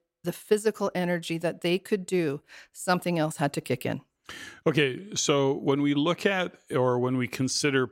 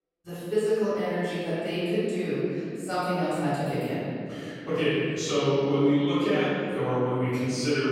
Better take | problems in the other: first | off-mic speech; far // room echo; strong; dies away in 2.5 s

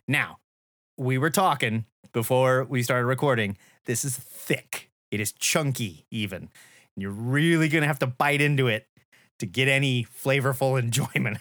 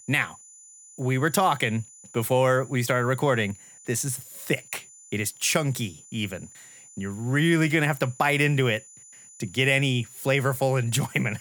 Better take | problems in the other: first | high-pitched whine; faint; throughout; 7 kHz, 20 dB below the speech

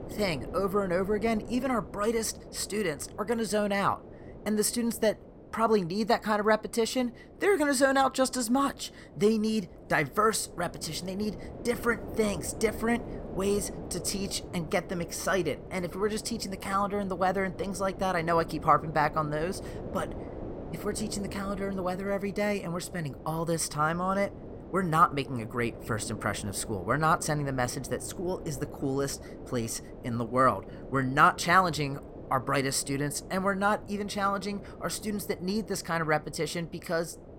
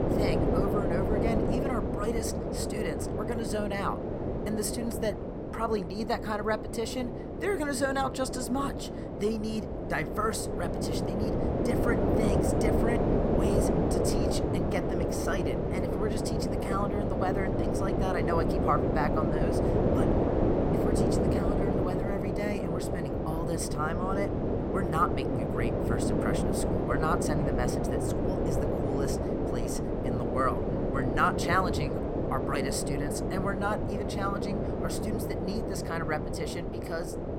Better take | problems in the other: first | wind noise on the microphone; heavy; 1 dB above the speech; occasional gusts in the first

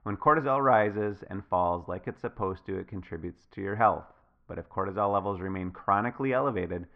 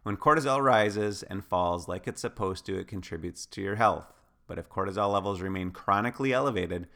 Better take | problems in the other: second | muffled; very; fading above 2 kHz

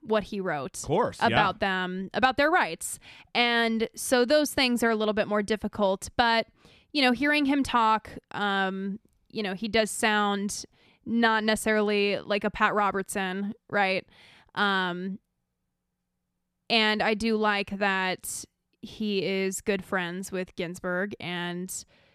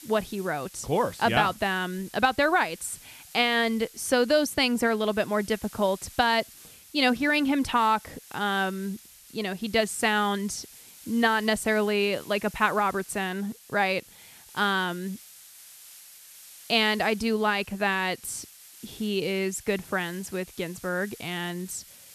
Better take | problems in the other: first | hiss; faint; throughout; 20 dB below the speech

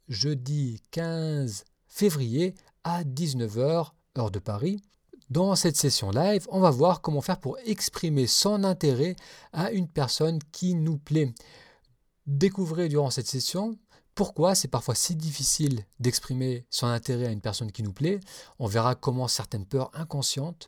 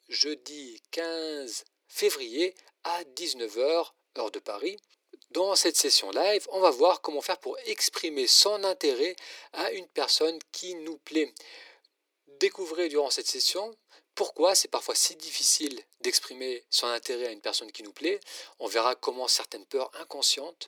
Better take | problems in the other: first | thin; very; fading below 300 Hz

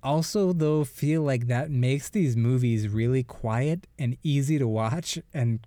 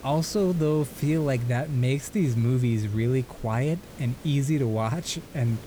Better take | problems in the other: first | hiss; noticeable; throughout; 20 dB below the speech

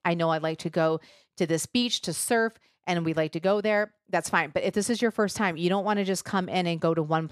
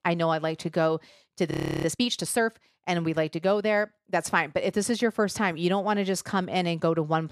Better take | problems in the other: first | audio freezing; at 1.5 s

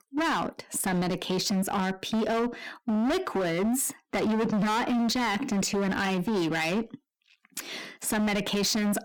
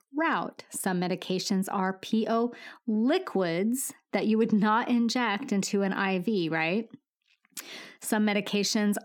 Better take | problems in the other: second | distortion; heavy; 25% of the sound clipped

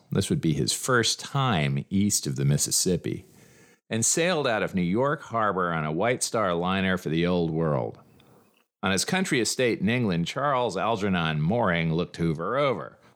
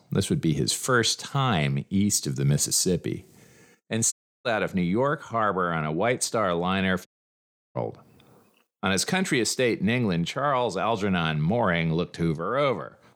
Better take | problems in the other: first | audio cutting out; at 4 s and at 7 s for 0.5 s

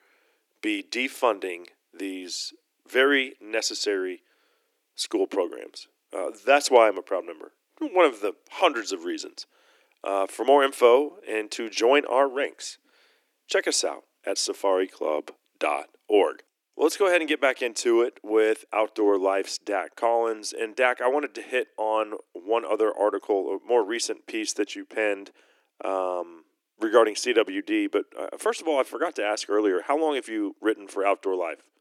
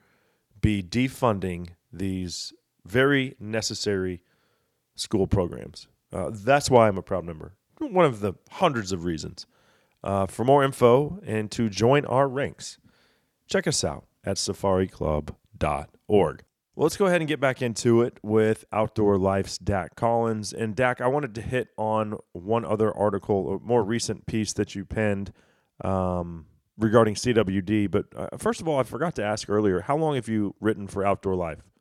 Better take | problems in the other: second | thin; somewhat; fading below 300 Hz

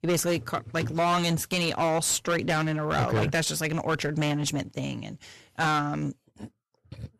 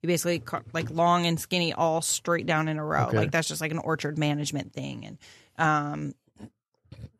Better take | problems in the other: second | distortion; heavy; 13% of the sound clipped

